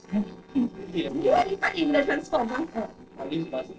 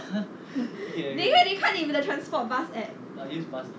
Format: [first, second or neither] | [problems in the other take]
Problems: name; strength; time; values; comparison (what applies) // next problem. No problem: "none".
second | noise reduction (neural separator model SepFormer DNS4)